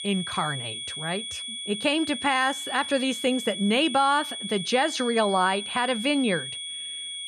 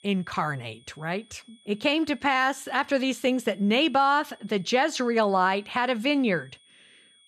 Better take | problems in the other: second | high-pitched whine; loud; throughout; 3.5 kHz, 7 dB below the speech; faint in the second

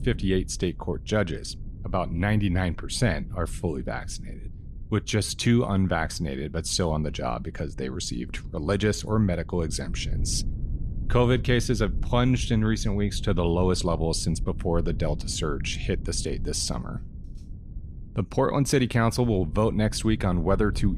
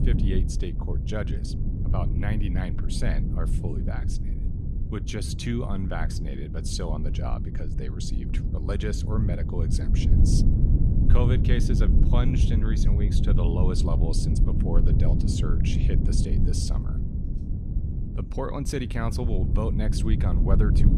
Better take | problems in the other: first | low rumble; loud; throughout; 3 dB below the speech; faint in the first

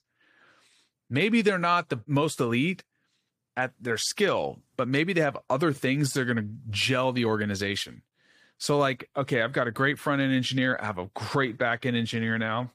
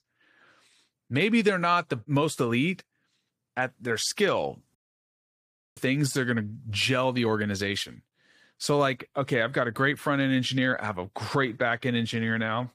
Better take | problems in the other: first | audio cutting out; at 5 s for 1 s

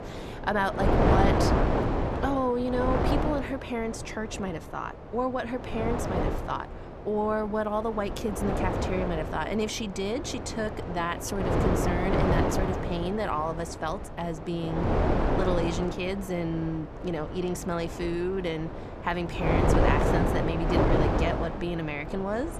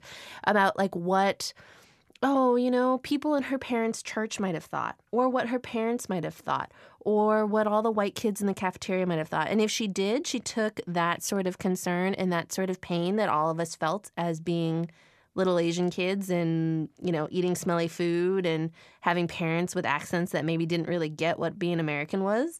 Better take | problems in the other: second | wind noise on the microphone; heavy; as loud as the speech

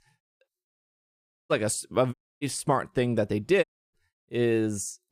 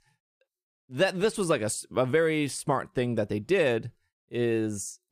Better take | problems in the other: second | audio cutting out; at 1 s for 0.5 s, at 2 s and at 3.5 s

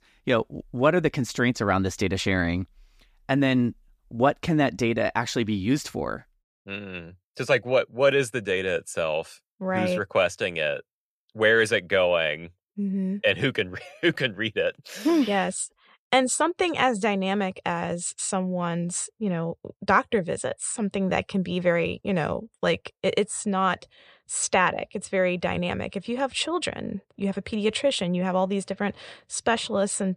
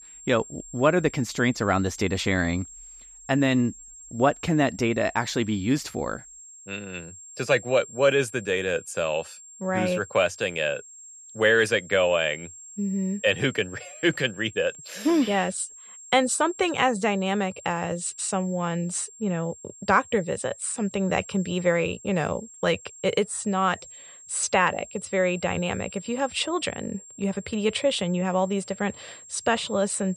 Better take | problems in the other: first | high-pitched whine; noticeable; throughout; 7.5 kHz, 20 dB below the speech

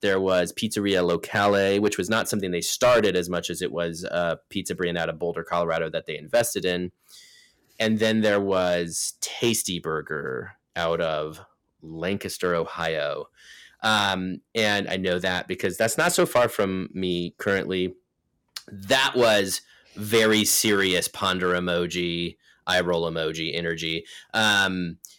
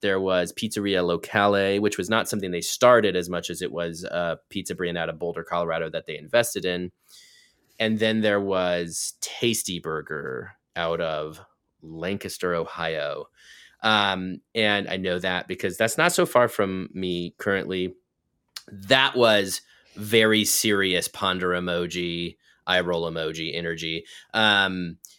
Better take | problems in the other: second | distortion; slight; 2% of the sound clipped

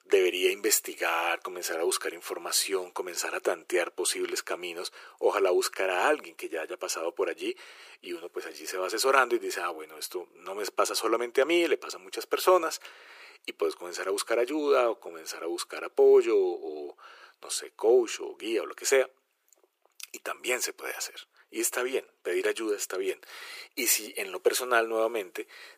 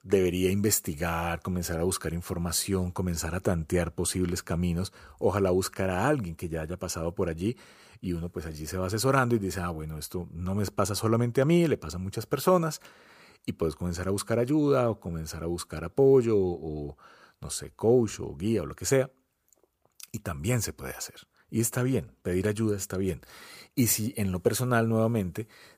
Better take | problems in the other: second | thin; very; fading below 350 Hz

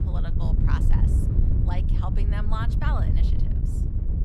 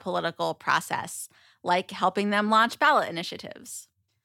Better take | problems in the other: second | wind noise on the microphone; heavy; 3 dB below the speech

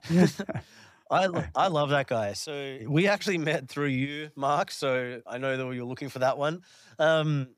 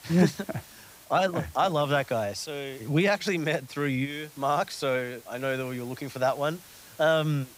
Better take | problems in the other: first | hiss; faint; throughout; 20 dB below the speech

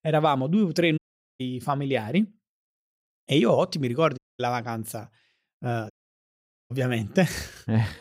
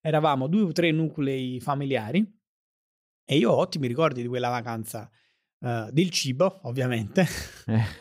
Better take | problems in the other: second | audio cutting out; at 1 s, at 4 s and at 6 s for 1 s

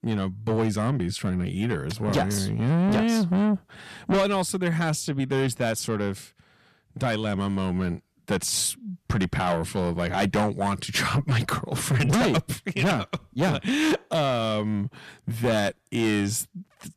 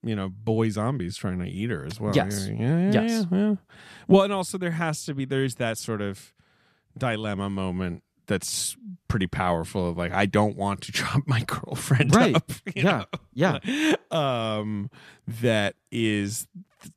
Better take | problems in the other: second | distortion; heavy; 7 dB below the speech

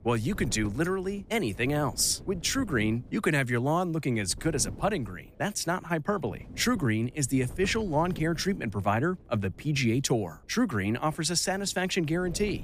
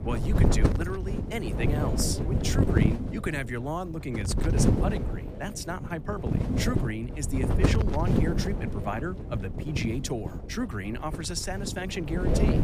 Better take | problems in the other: first | wind noise on the microphone; heavy; 1 dB below the speech; occasional gusts in the first

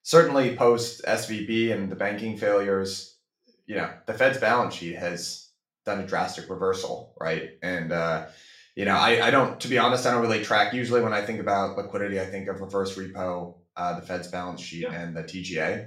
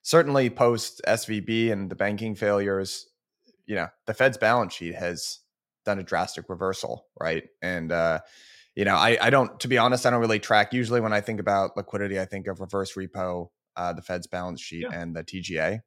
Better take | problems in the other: second | room echo; slight; dies away in 0.4 s // off-mic speech; far

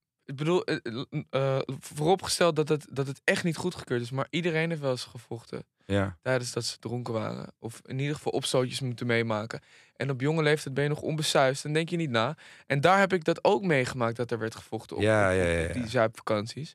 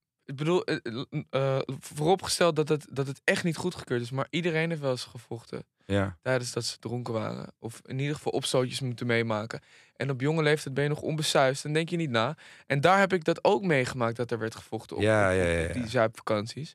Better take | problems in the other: neither | none

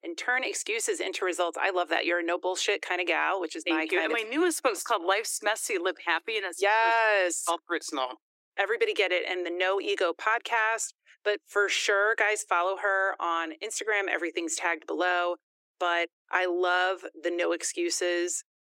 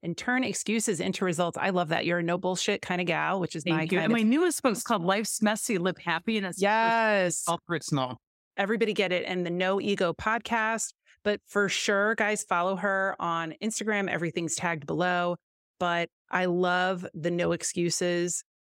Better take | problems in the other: second | thin; very; fading below 300 Hz

